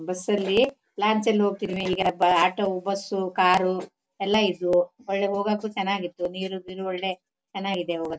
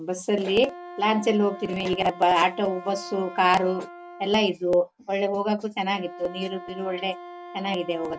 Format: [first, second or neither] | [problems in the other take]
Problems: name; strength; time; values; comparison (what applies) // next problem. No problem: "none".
first | background sound (Wind instrument, woodwind instrument); 16 dB below the speech